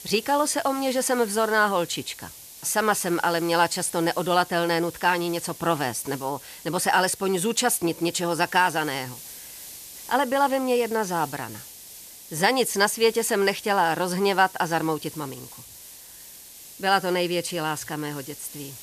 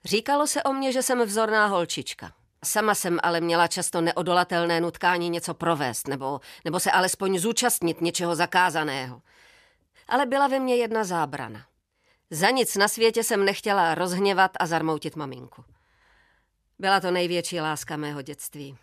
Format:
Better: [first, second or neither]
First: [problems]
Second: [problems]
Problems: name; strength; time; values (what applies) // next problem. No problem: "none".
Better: second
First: hiss; noticeable; throughout; 15 dB below the speech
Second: none